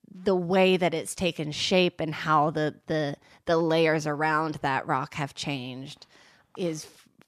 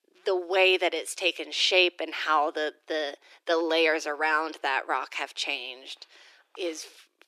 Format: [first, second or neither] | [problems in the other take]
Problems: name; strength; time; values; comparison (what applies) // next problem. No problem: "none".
first | thin; very; fading below 350 Hz